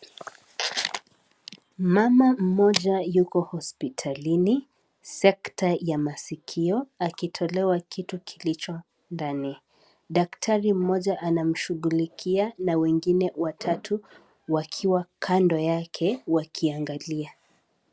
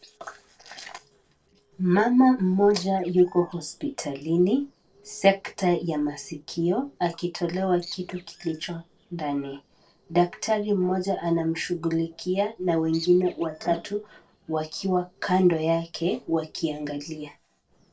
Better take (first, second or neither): first